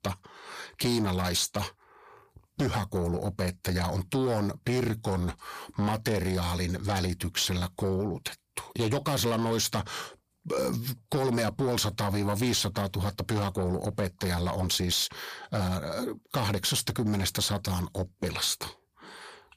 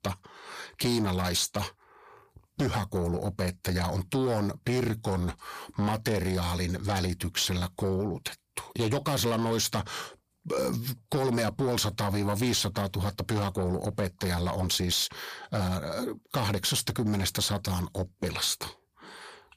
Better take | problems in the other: neither | distortion; slight; 10 dB below the speech; the same in both

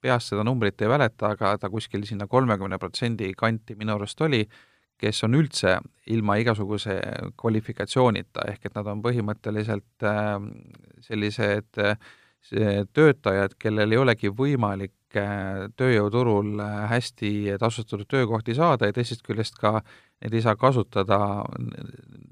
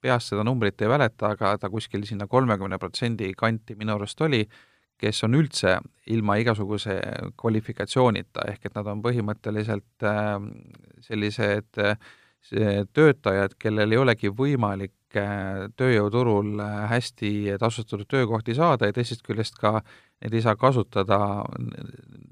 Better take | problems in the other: neither | none

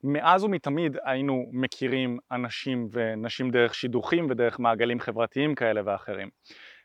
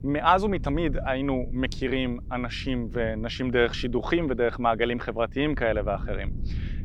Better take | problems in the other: first | low rumble; faint; throughout; 25 dB below the speech

